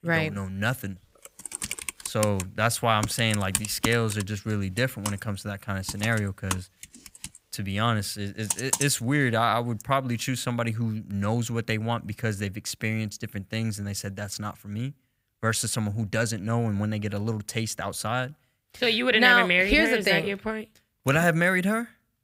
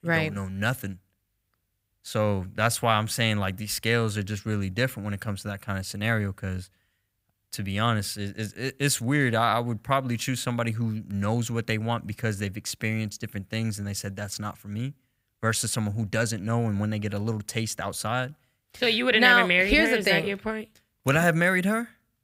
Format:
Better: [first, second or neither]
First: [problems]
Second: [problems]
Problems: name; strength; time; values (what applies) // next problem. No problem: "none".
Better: second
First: keyboard typing; noticeable; from 1.5 to 9 s; peak level with the speech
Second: none